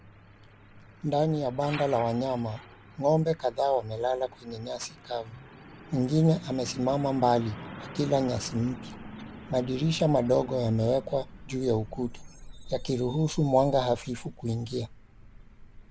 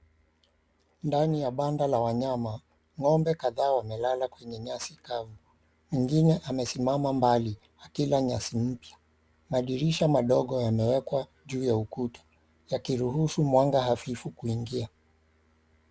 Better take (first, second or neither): second